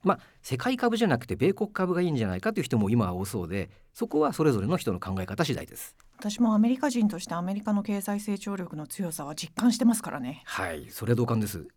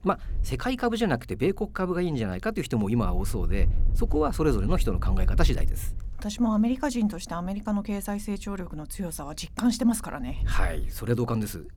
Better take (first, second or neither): first